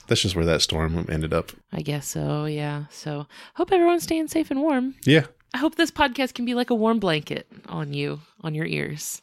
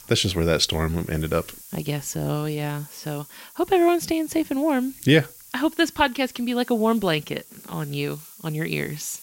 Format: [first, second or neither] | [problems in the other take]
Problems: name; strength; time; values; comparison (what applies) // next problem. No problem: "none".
first | hiss; noticeable; throughout; 20 dB below the speech